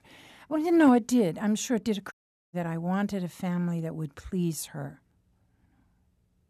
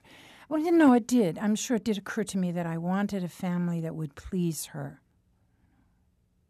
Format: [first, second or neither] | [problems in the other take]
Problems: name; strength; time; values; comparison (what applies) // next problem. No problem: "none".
second | audio cutting out; at 2 s